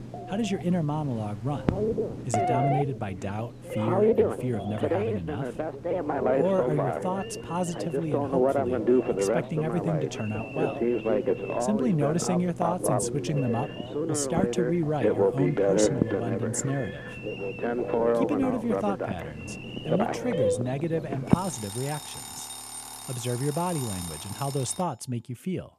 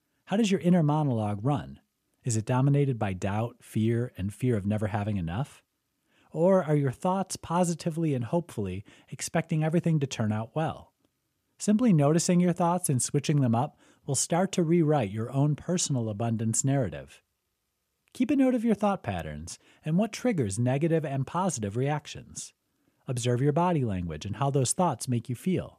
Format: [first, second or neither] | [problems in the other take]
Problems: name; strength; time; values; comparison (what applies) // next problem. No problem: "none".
second | alarms or sirens; very loud; throughout; 2 dB above the speech